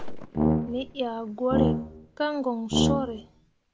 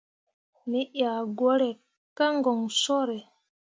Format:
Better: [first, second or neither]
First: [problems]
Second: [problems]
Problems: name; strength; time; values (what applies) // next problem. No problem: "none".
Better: second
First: background sound (Brass instrument + Fireworks); 3 dB above the speech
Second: none